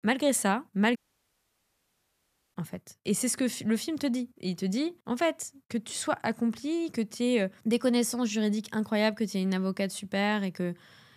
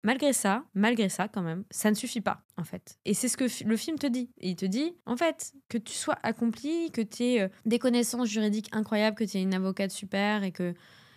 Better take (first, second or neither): second